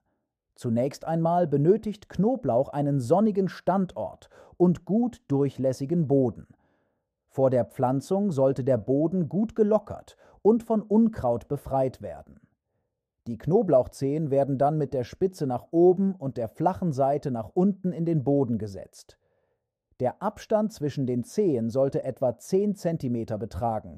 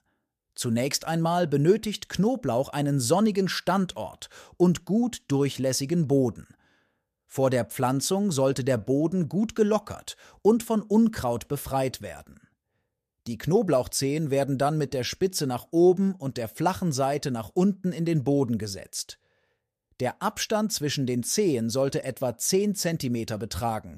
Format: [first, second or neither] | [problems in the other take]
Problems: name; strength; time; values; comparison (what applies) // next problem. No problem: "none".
second | muffled; very; fading above 1.5 kHz